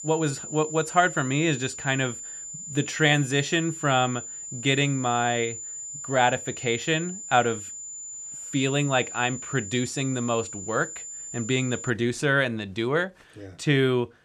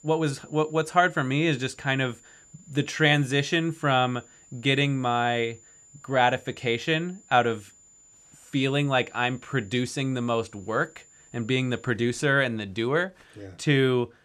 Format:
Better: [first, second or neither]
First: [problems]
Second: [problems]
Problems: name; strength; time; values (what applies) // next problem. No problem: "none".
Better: second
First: high-pitched whine; loud; until 12 s; 7 kHz, 9 dB below the speech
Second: high-pitched whine; faint; until 12 s; 7 kHz, 25 dB below the speech